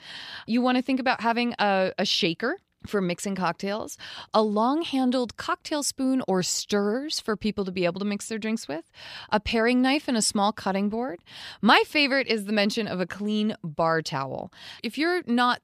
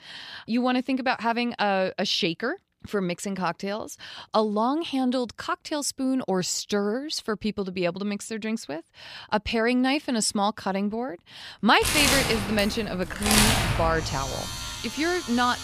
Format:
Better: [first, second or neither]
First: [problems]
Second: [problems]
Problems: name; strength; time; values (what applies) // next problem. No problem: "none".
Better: first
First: none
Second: household noises; very loud; from 12 s on; as loud as the speech